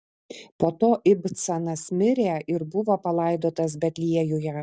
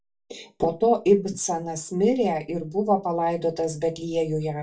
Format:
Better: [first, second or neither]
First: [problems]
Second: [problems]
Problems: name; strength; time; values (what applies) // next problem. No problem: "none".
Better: first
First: none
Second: room echo; dies away in 0.2 s